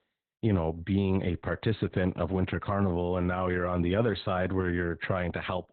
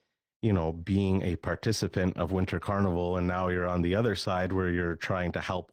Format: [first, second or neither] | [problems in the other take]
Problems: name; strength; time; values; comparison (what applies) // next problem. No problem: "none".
second | garbled, watery; badly; nothing above 4 kHz; slightly in the second